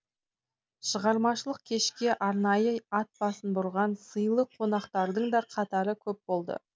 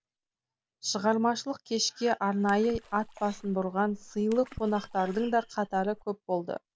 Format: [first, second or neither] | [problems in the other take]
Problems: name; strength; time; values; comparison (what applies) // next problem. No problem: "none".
first | background sound (Water / Splash, splatter); 19 dB below the speech